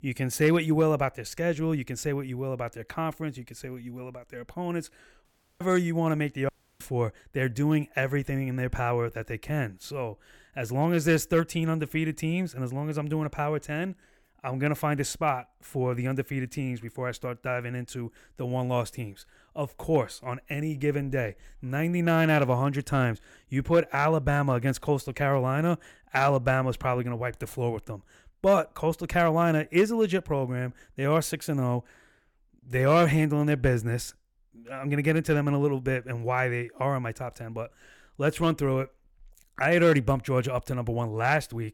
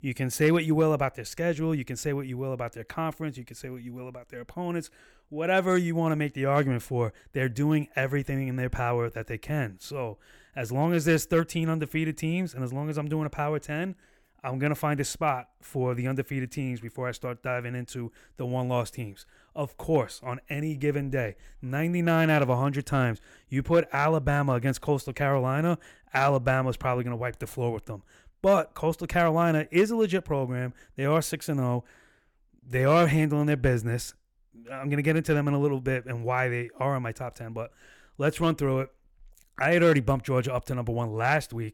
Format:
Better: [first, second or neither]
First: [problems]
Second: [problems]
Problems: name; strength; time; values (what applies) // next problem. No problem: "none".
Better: second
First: audio cutting out; at 5.5 s and at 6.5 s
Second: none